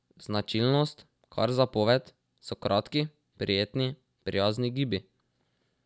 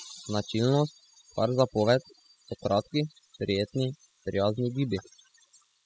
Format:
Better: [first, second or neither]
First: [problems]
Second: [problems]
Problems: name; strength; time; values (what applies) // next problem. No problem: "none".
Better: first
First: none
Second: noise reduction (classical method spectral subtraction)